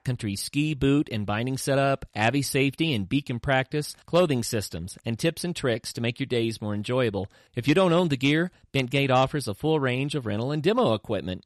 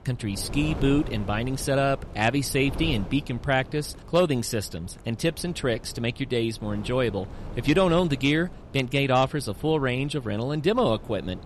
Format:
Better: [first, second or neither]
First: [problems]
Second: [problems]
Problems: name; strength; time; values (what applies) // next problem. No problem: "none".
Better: first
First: none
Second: wind noise on the microphone; occasional gusts; 20 dB below the speech